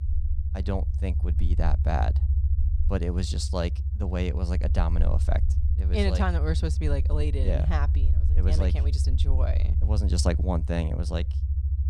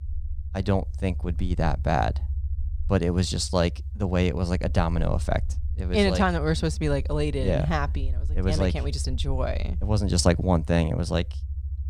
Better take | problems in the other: second | low rumble; loud; throughout; 10 dB below the speech; faint in the second

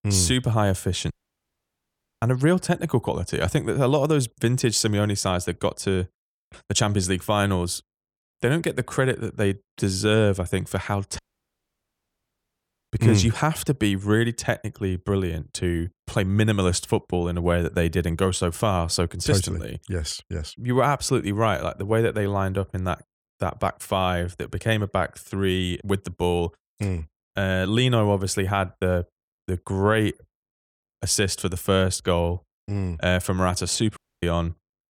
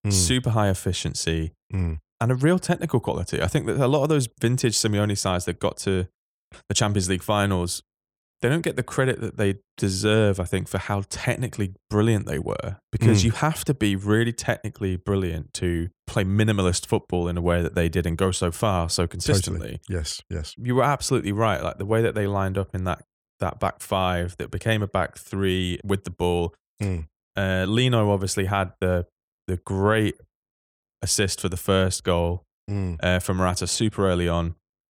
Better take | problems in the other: second | audio cutting out; at 1 s for 1 s, at 11 s for 1.5 s and at 34 s

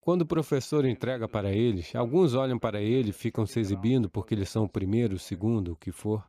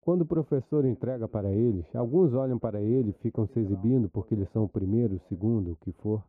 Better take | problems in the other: first | muffled; very; fading above 1.5 kHz

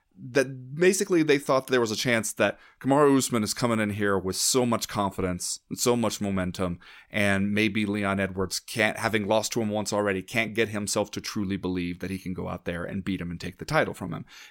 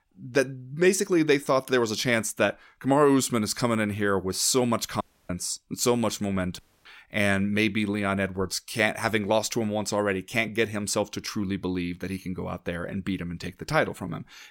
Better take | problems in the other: first | audio cutting out; at 5 s and at 6.5 s

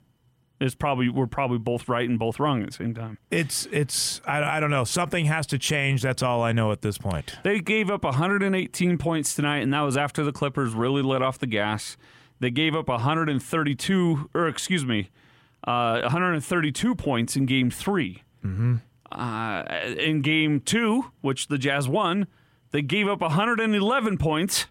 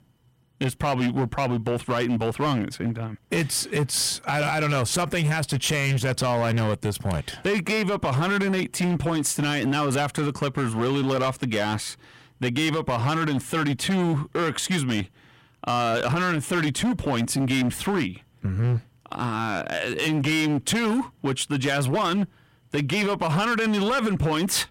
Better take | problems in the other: first | distortion; slight; 15% of the sound clipped

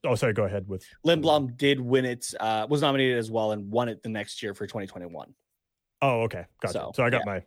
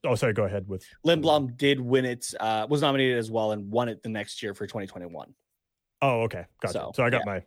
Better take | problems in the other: neither | none

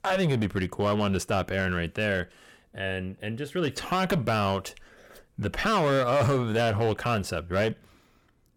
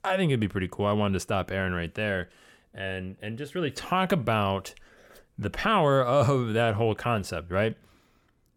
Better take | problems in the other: second | distortion; slight; 9% of the sound clipped

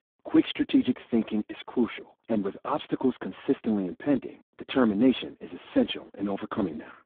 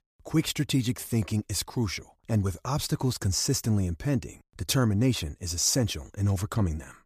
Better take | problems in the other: second | phone-call audio; poor line; nothing above 3.5 kHz

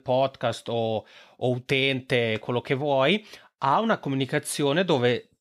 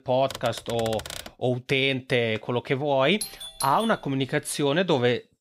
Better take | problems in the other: first | keyboard typing; faint; at 0.5 s; peak 10 dB below the speech // doorbell; noticeable; at 3 s; peak 9 dB below the speech

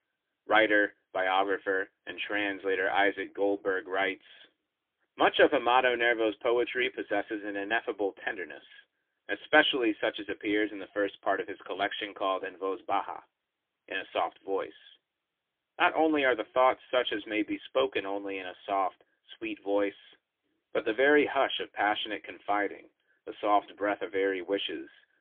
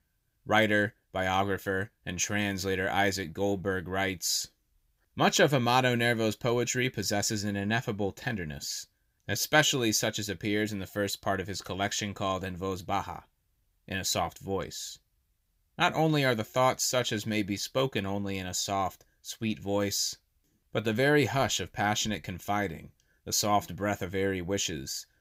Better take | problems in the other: second | phone-call audio; poor line; nothing above 3.5 kHz

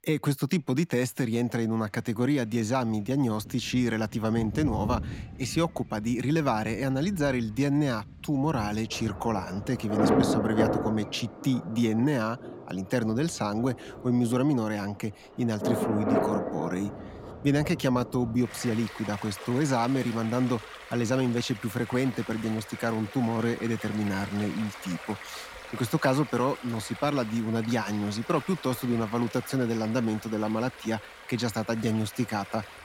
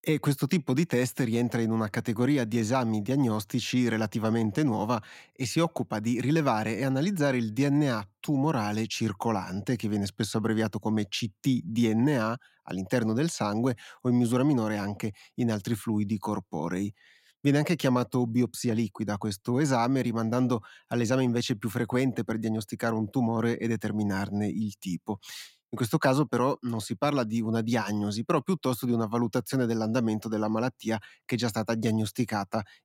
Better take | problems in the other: second | rain or running water; loud; throughout; 8 dB below the speech

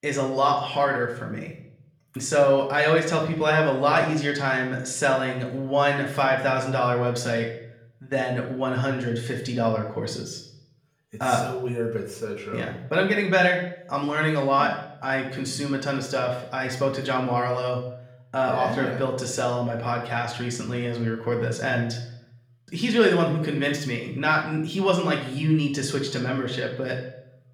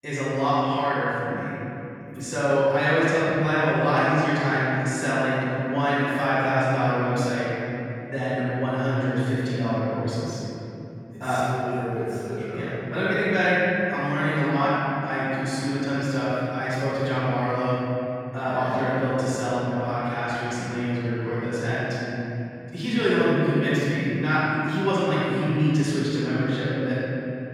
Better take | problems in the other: first | room echo; strong; dies away in 3 s; slight in the first // off-mic speech; far; far in the first

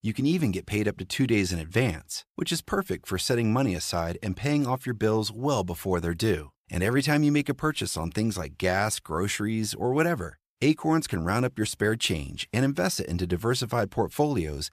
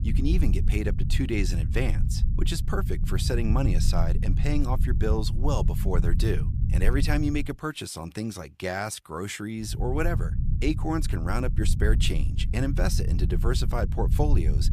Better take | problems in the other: first | low rumble; noticeable; until 7.5 s and from 9.5 s on; 10 dB below the speech

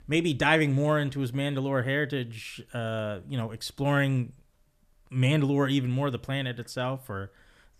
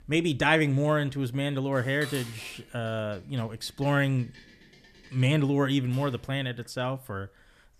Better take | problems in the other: first | clattering dishes; faint; from 1.5 to 6.5 s; peak 10 dB below the speech

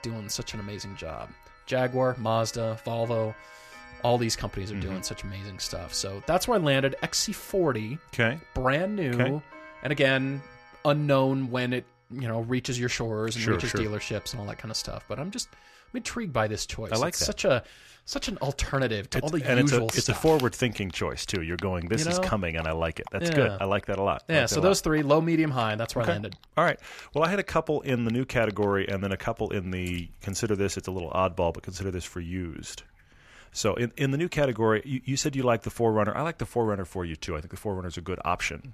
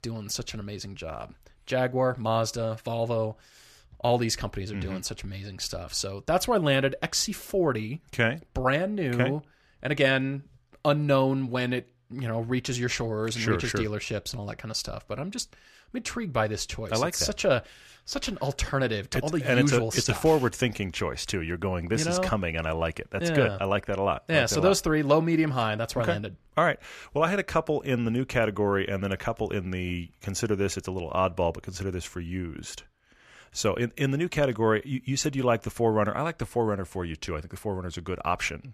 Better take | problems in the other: second | household noises; noticeable; throughout; 20 dB below the speech

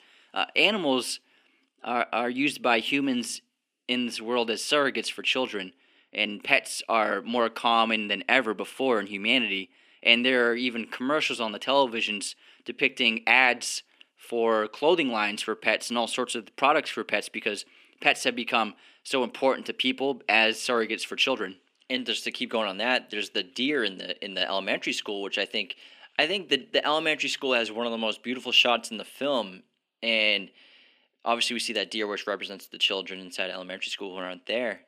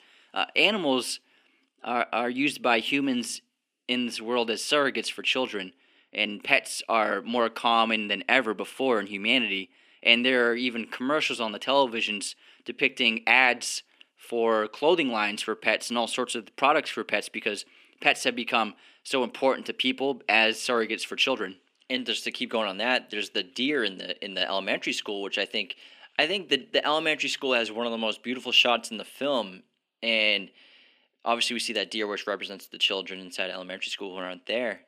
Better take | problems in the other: neither | thin; very slightly; fading below 250 Hz; the same in both

